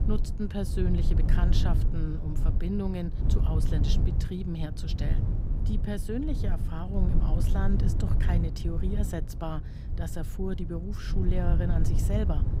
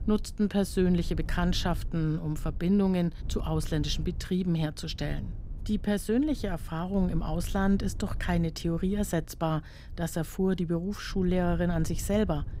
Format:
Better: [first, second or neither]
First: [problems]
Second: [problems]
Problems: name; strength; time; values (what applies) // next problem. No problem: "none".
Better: second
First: low rumble; loud; throughout; 5 dB below the speech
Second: low rumble; faint; throughout; 20 dB below the speech